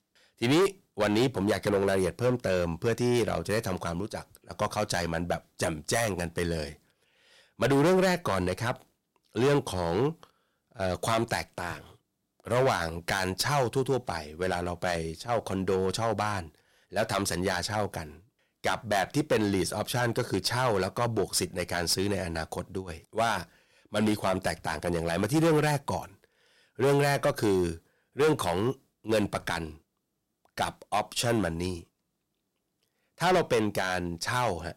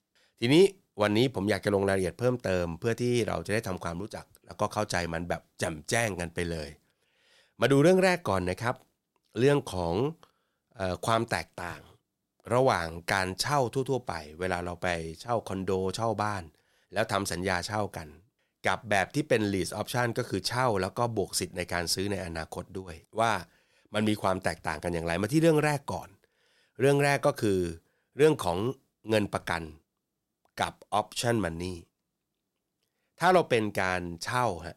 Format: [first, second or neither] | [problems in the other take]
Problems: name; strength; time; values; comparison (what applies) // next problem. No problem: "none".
second | distortion; heavy; 6% of the sound clipped